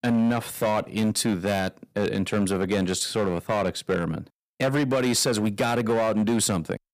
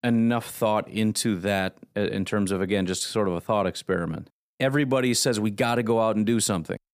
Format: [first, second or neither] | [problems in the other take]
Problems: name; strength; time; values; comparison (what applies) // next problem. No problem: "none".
second | distortion; slight; 11% of the sound clipped